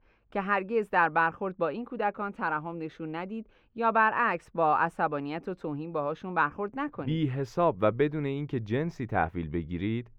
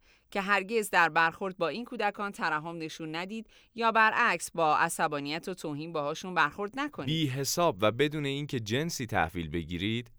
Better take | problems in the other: second | muffled; very; fading above 3.5 kHz

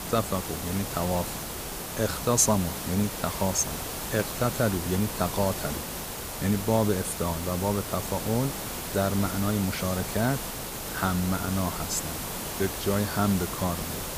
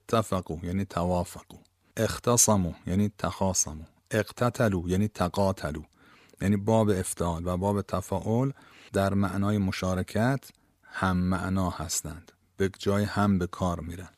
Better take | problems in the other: second | hiss; loud; throughout; 5 dB below the speech

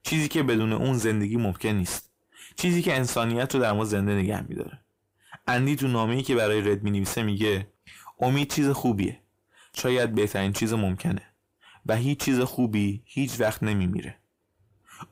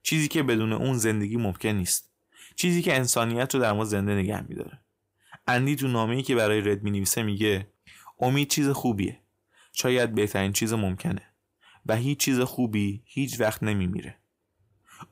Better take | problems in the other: second | distortion; slight; 10 dB below the speech

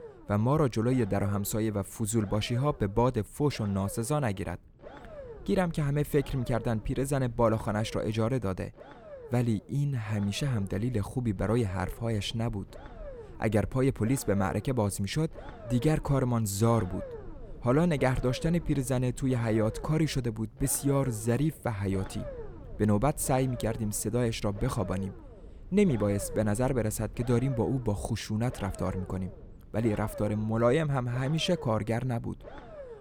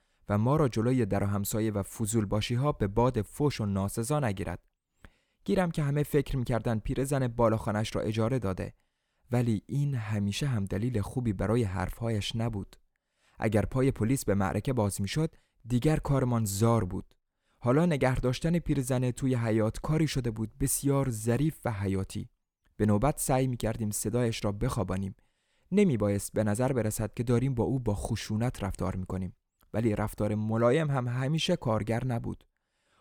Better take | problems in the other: second | low rumble; noticeable; throughout; 15 dB below the speech

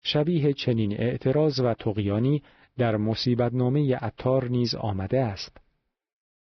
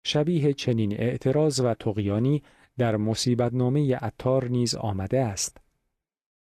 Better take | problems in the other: second | garbled, watery; badly; nothing above 5.5 kHz; slightly in the second

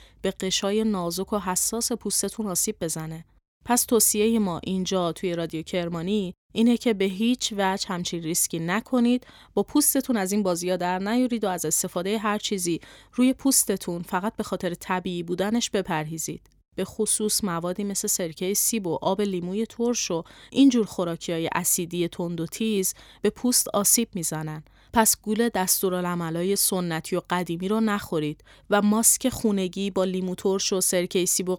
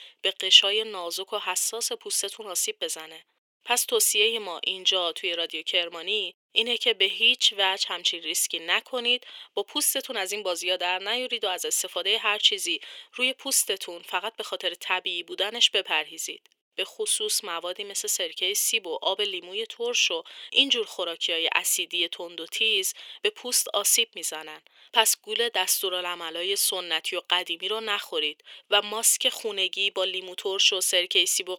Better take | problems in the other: first | thin; very; fading below 450 Hz

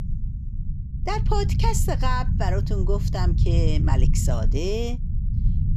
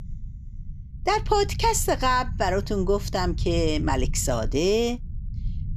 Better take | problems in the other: second | low rumble; loud; throughout; 10 dB below the speech; faint in the second

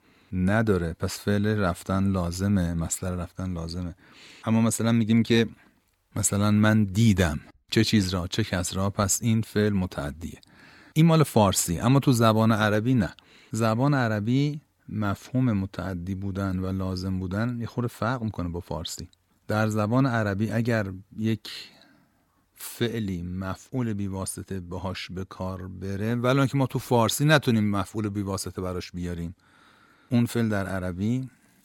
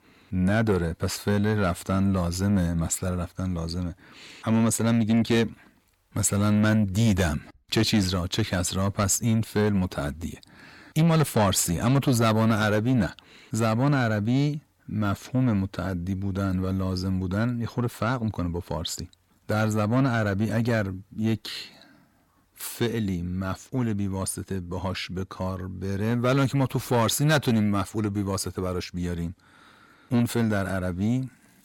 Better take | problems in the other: first | distortion; slight; 10 dB below the speech

